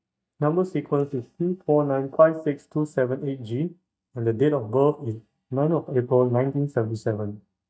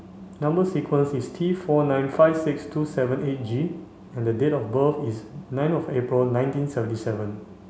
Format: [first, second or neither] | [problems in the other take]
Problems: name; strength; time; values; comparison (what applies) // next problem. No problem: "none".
second | noise reduction (neural mask model DeepFilterNet 3)